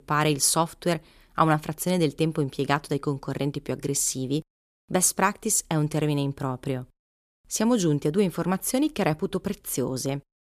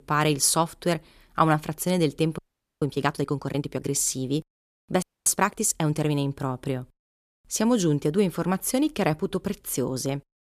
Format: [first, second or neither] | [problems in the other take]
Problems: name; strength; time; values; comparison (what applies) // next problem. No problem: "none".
first | audio freezing; at 2.5 s and at 5 s